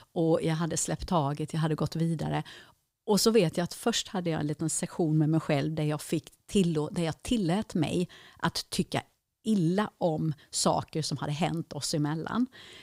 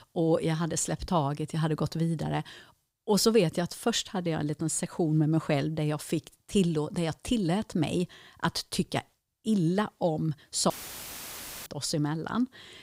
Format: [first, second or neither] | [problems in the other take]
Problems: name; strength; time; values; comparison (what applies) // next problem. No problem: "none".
first | audio cutting out; filled with static; at 11 s for 1 s